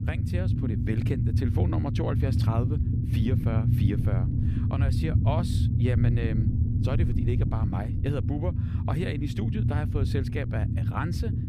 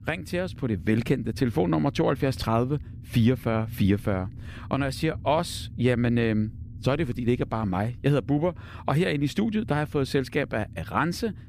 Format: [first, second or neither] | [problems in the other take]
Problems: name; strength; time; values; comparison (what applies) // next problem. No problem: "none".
second | low rumble; loud; throughout; 2 dB below the speech; faint in the second